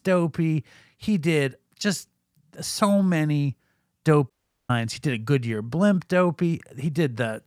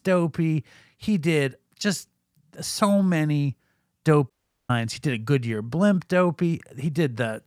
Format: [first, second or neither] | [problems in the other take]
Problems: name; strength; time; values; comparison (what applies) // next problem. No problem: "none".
neither | audio cutting out; at 4.5 s; the same in both